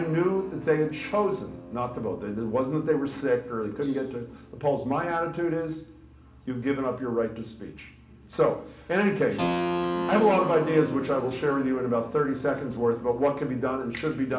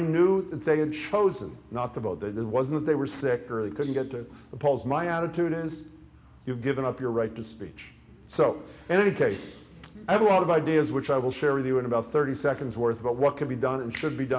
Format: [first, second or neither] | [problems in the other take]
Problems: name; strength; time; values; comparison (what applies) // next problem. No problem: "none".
second | background sound (Keyboard (musical)); 10 dB below the speech // room echo; dies away in 0.4 s